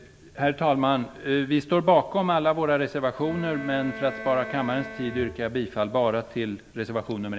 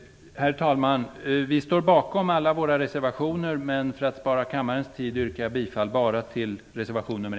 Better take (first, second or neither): second